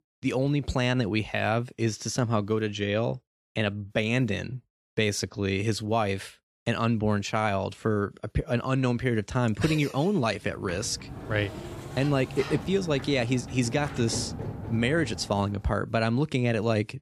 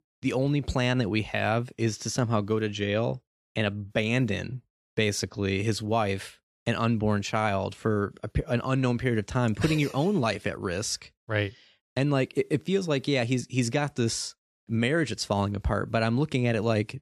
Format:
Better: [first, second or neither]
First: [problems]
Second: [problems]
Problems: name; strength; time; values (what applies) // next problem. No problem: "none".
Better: second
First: door banging; noticeable; from 10 to 16 s; peak 7 dB below the speech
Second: none